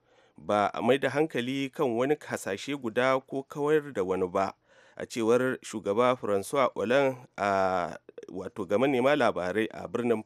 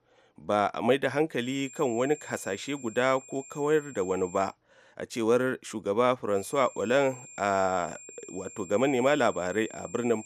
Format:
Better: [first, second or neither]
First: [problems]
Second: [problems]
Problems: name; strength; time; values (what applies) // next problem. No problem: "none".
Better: first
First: none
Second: high-pitched whine; noticeable; from 1.5 to 4.5 s and from 6.5 s on; 7.5 kHz, 20 dB below the speech